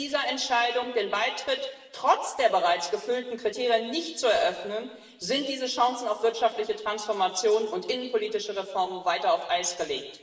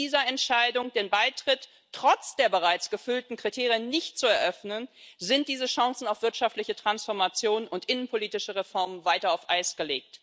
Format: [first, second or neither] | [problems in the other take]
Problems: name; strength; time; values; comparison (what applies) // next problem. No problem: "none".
second | room echo; dies away in 1.2 s